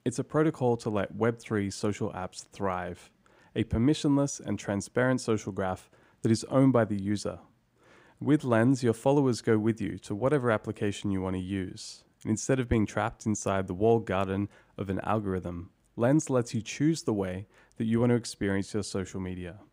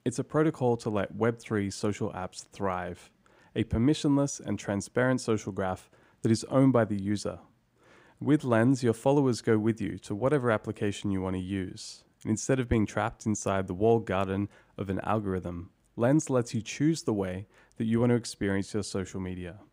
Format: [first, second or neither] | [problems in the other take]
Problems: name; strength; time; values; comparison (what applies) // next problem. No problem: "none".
neither | none